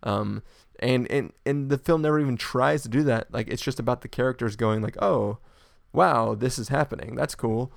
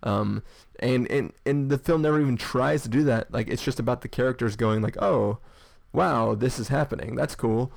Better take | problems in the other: first | distortion; slight; 10 dB below the speech

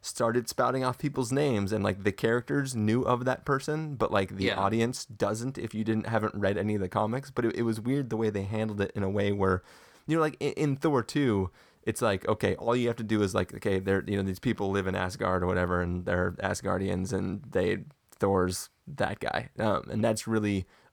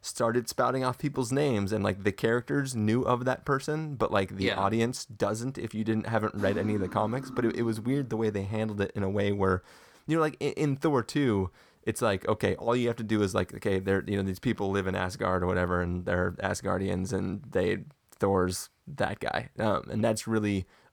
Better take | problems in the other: first | clattering dishes; noticeable; from 6.5 to 8 s; peak 8 dB below the speech

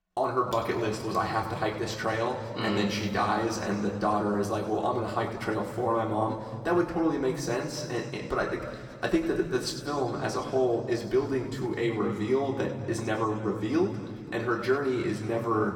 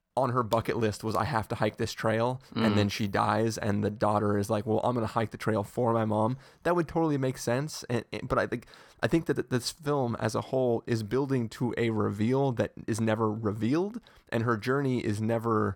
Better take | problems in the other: second | room echo; noticeable; dies away in 2 s // off-mic speech; somewhat distant

